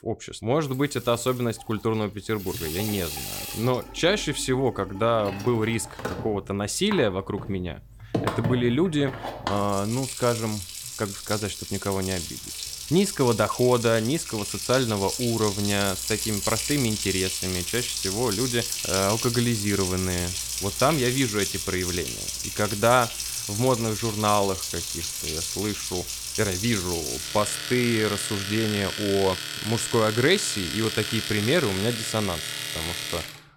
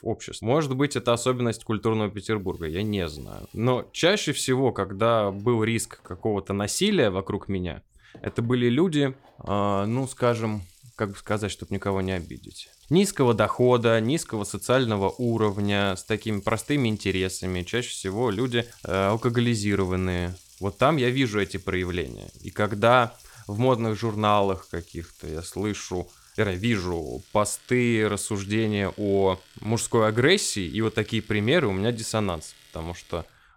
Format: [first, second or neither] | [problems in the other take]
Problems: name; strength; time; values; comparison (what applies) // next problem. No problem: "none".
second | household noises; loud; throughout; 4 dB below the speech; faint in the second